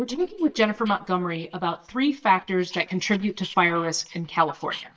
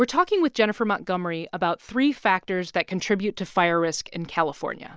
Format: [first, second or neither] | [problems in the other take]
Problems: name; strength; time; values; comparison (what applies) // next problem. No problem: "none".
second | noise reduction (neural mask model DeepFilterNet 3)